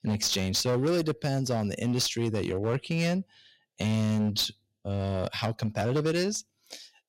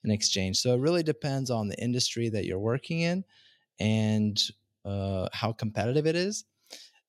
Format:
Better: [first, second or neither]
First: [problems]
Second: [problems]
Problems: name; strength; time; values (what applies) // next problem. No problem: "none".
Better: second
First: distortion; slight; 13% of the sound clipped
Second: none